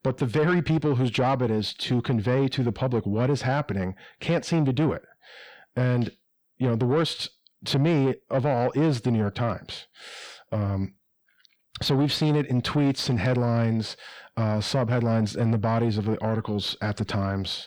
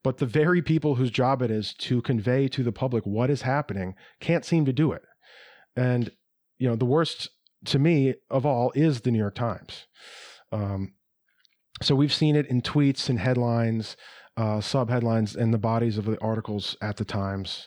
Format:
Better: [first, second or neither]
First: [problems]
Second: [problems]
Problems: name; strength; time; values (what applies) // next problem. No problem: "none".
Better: second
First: distortion; slight; 10 dB below the speech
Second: none